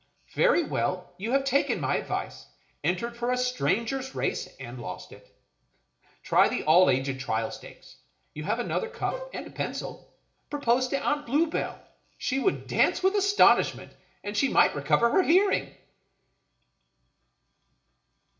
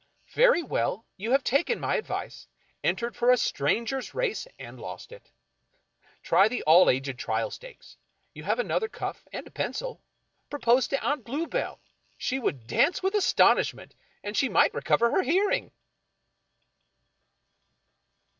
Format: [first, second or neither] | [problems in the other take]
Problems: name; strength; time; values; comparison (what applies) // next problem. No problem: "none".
second | background sound (Bowed string instrument); 11 dB below the speech // room echo; dies away in 0.4 s